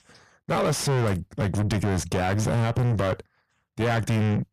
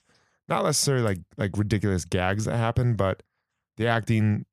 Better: second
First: distortion; heavy; 6 dB below the speech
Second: none

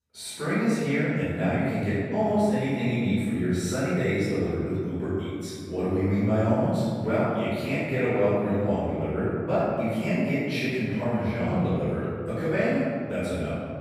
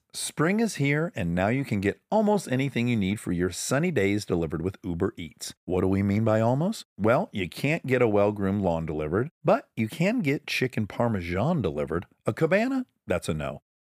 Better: second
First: off-mic speech; far // room echo; strong; dies away in 2.1 s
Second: none

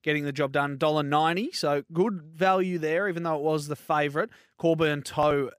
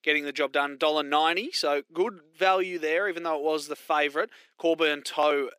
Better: first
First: none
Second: thin; somewhat; fading below 300 Hz

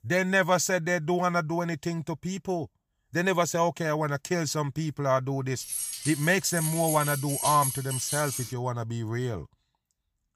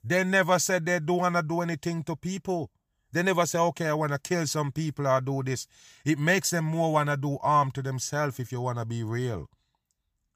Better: second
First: jangling keys; noticeable; from 5.5 to 8.5 s; peak level with the speech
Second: none

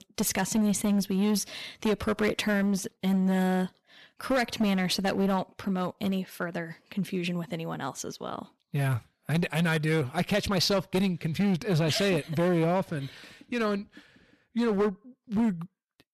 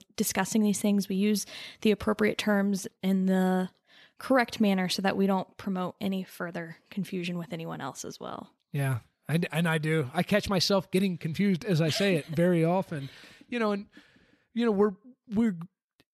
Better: second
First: distortion; slight; 9% of the sound clipped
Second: none

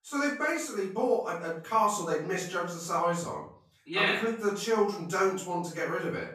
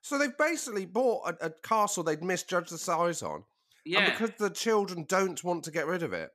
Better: second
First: off-mic speech; far // room echo; noticeable; dies away in 0.4 s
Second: none

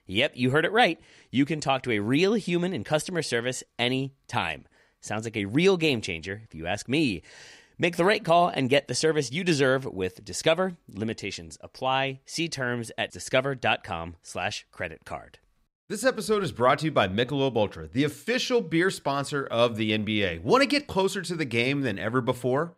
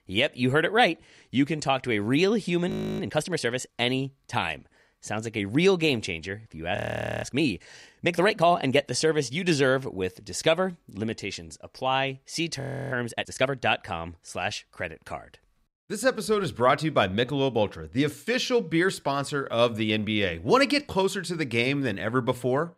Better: first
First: none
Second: audio freezing; at 2.5 s, at 7 s and at 13 s

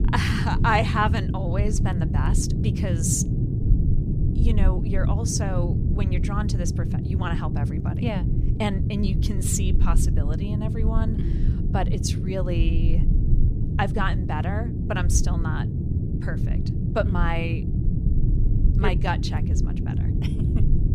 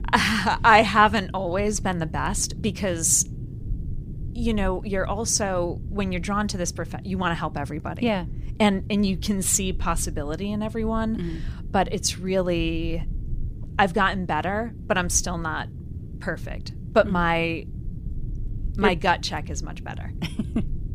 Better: second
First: low rumble; loud; throughout; 7 dB below the speech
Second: low rumble; faint; throughout; 25 dB below the speech

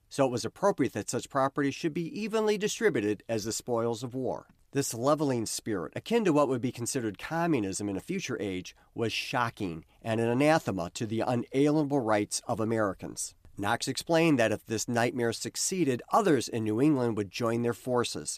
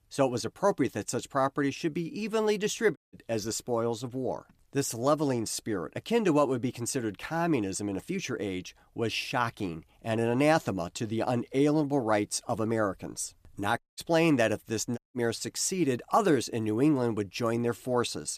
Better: first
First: none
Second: audio cutting out; at 3 s, at 14 s and at 15 s

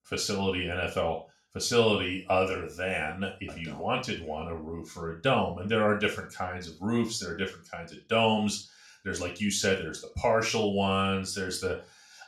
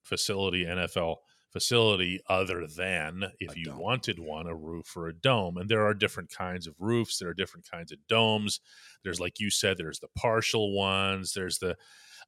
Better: second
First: room echo; slight; dies away in 0.3 s // off-mic speech; far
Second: none

